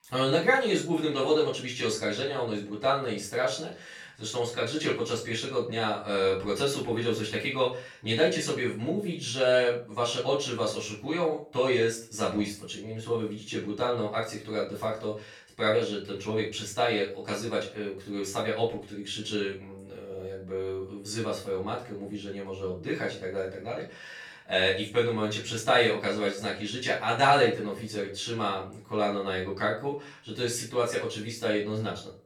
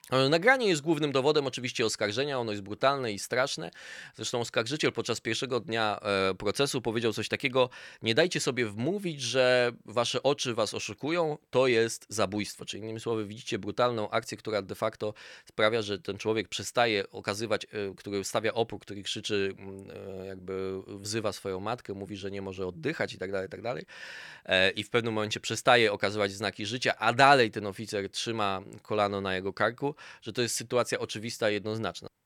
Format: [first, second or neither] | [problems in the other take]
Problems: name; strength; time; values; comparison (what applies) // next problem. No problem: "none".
second | off-mic speech; far // room echo; slight; dies away in 0.3 s